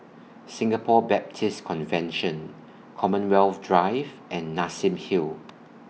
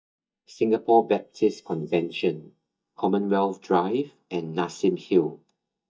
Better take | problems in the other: first | noise reduction (neural mask model DeepFilterNet 3)

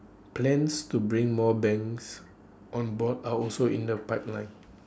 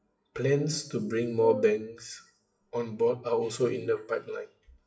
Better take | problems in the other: first | noise reduction (classical method WPE with log-MMSE)

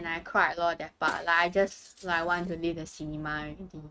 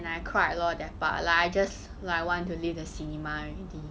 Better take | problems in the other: second | noise reduction (neural mask model RNNoise)

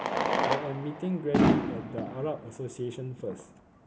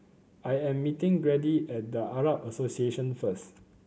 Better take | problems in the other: second | background sound (Fireworks); 4 dB above the speech

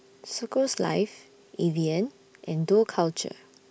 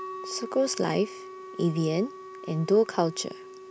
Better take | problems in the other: first | background sound (Wind instrument, woodwind instrument); 13 dB below the speech

